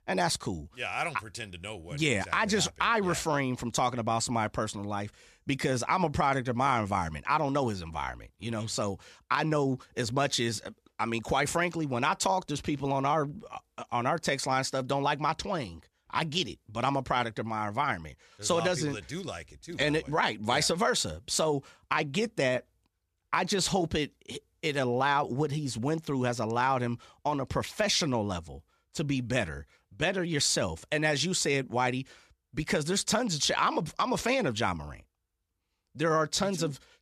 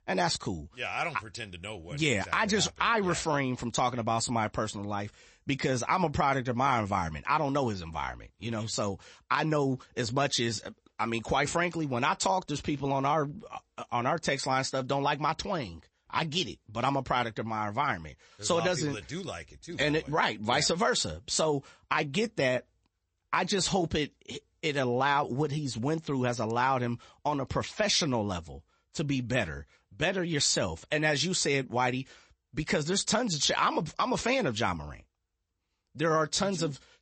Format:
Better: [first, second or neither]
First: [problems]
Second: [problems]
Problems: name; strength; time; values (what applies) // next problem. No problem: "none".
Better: first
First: none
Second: garbled, watery; slightly; nothing above 8 kHz